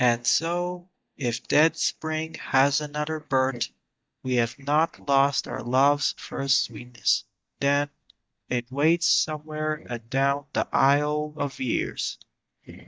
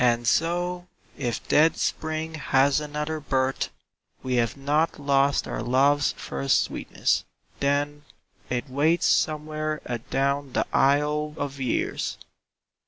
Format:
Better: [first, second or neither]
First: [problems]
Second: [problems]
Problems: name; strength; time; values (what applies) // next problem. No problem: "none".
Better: second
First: noise reduction (neural mask model DeepFilterNet 3)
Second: none